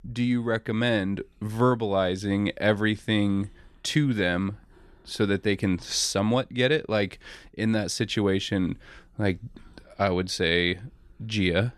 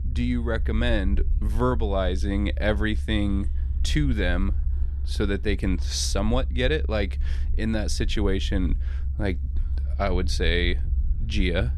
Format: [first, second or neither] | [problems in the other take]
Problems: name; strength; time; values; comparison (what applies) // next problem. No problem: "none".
first | low rumble; noticeable; throughout; 20 dB below the speech